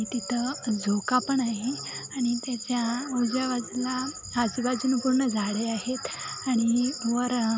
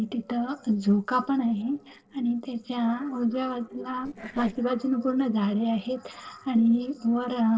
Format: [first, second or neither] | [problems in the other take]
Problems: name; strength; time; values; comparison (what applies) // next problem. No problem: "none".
first | noise reduction (neural separator model SepFormer DNS4)